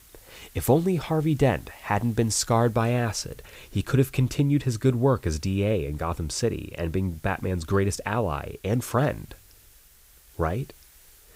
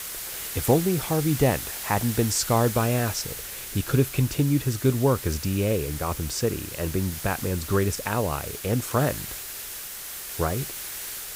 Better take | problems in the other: first | hiss; loud; throughout; 7 dB below the speech; faint in the first

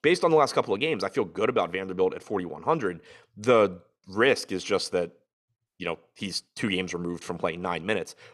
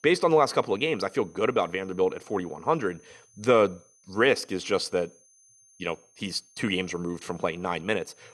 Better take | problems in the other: first | high-pitched whine; faint; throughout; 6.5 kHz, 30 dB below the speech

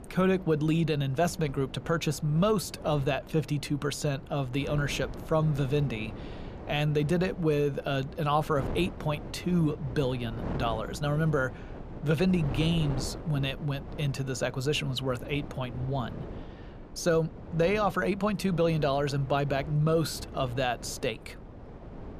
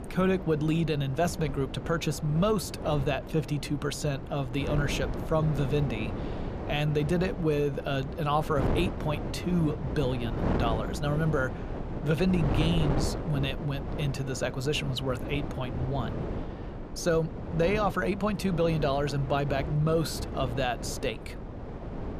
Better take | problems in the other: first | wind noise on the microphone; heavy; 8 dB below the speech; occasional gusts in the first

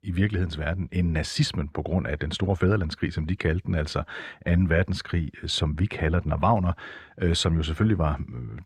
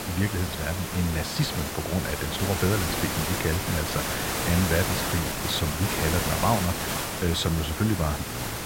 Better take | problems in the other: first | hiss; loud; throughout; 1 dB below the speech

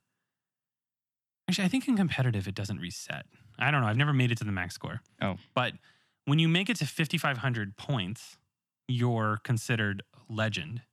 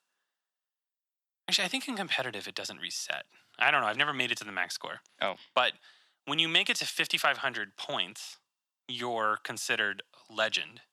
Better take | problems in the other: first | thin; very; fading below 550 Hz

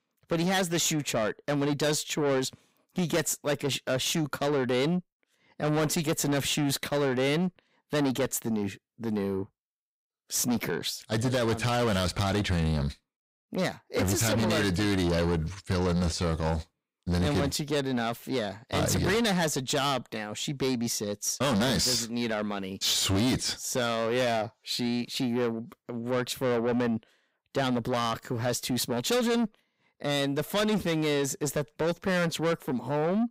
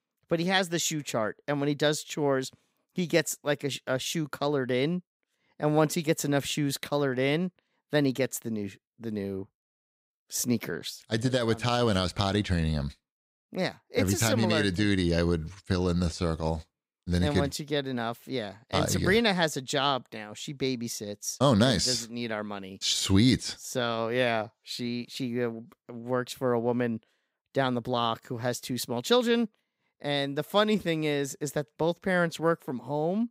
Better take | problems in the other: second | distortion; heavy; 6 dB below the speech

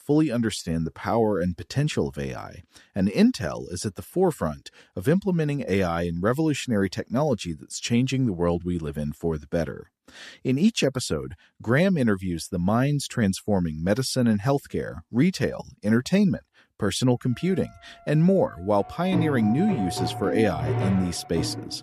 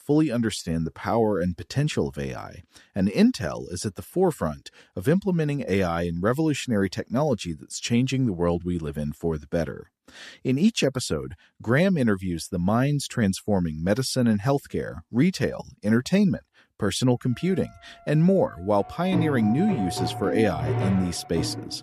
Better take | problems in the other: neither | background music; loud; from 17 s on; 6 dB below the speech; the same in both

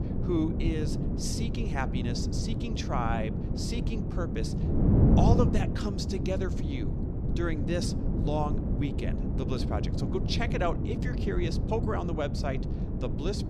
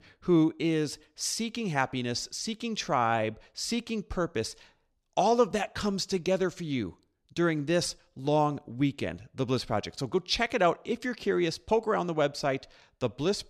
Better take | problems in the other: second | wind noise on the microphone; heavy; 3 dB below the speech

